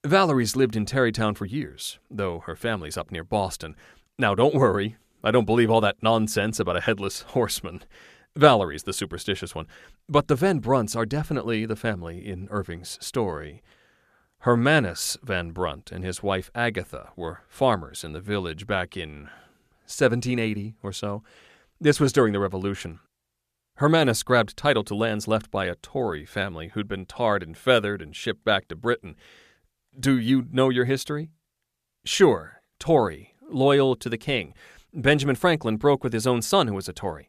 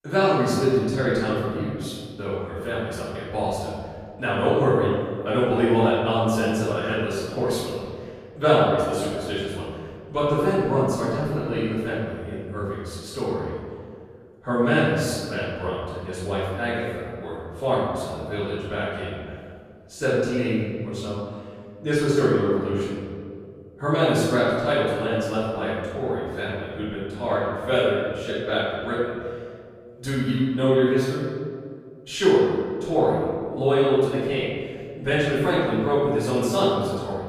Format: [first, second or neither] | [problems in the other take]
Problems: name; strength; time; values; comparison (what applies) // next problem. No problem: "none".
first | room echo; strong; dies away in 2 s // off-mic speech; far